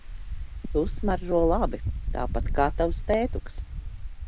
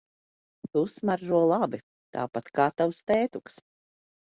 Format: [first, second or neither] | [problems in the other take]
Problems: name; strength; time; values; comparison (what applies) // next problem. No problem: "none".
second | background sound (Wind); 1 dB below the speech